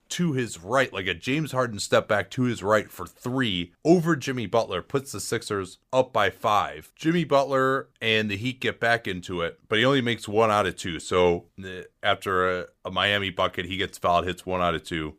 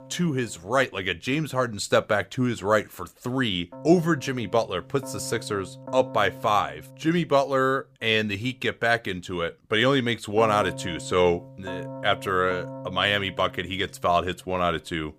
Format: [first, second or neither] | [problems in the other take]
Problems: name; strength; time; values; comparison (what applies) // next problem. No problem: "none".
first | background music; noticeable; throughout; 15 dB below the speech